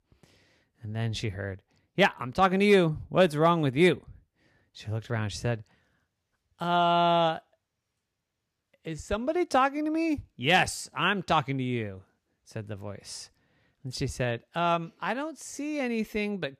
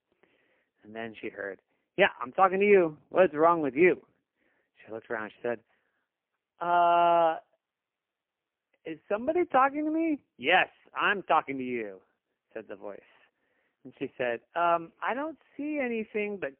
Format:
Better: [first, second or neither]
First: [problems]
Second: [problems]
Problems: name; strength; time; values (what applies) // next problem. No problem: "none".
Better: first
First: none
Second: phone-call audio; poor line; nothing above 3 kHz